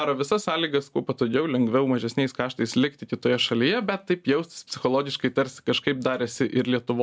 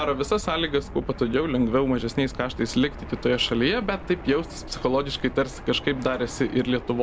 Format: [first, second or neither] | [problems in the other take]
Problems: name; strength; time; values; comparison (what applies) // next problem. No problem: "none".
first | background sound (Fixed-wing aircraft, airplane); 13 dB below the speech